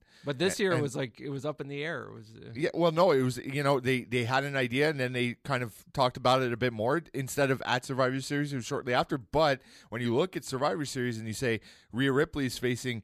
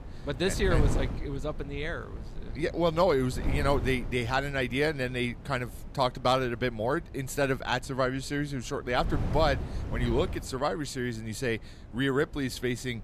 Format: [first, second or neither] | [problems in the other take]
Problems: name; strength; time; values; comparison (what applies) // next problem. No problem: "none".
first | wind noise on the microphone; occasional gusts; 15 dB below the speech